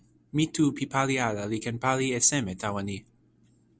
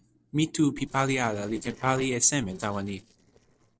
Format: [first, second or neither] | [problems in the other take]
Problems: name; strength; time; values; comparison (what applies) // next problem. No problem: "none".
first | noise reduction (neural separator model SepFormer DNS4)